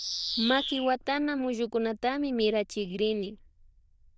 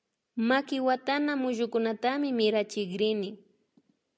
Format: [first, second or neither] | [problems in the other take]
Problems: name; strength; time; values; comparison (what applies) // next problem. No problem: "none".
second | noise reduction (neural diffusion model UNIVERSE++)